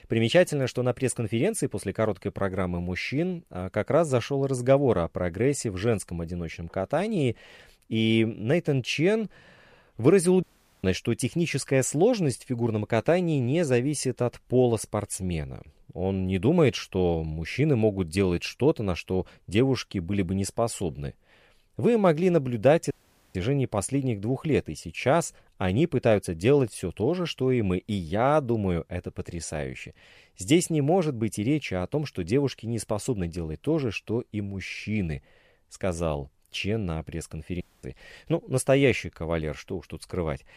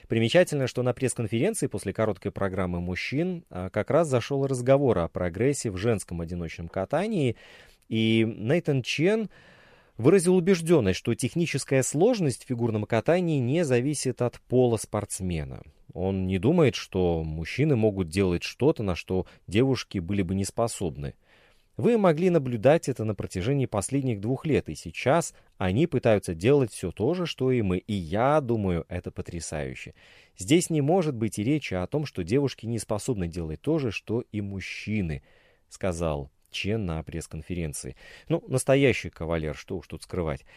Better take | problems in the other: second | audio cutting out; at 10 s, at 23 s and at 38 s

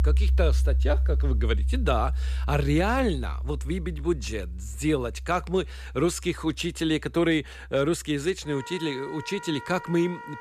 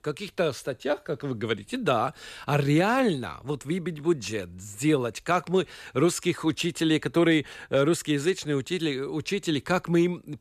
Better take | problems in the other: second | background music; loud; throughout; 2 dB below the speech

